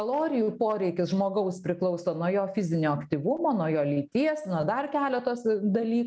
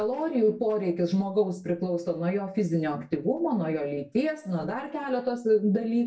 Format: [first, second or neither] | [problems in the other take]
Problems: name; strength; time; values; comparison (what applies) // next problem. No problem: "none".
first | room echo; dies away in 0.2 s